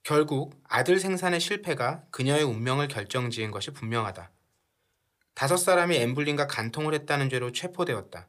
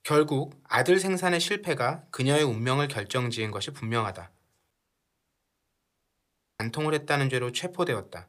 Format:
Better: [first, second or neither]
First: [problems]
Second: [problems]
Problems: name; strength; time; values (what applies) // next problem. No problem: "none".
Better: first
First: none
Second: audio cutting out; at 4.5 s for 2 s